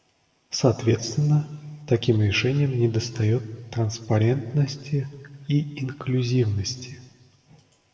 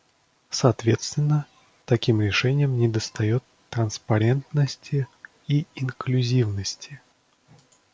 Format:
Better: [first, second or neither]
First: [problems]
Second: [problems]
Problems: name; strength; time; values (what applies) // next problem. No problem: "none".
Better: second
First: room echo; dies away in 1.1 s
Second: none